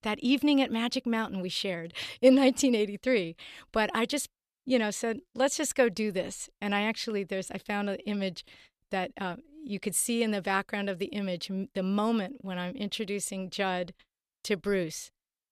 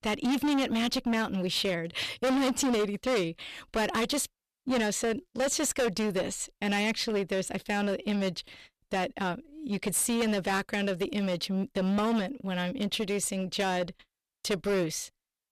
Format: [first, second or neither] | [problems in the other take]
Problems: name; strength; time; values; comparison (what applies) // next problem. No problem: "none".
first | distortion; heavy; 16% of the sound clipped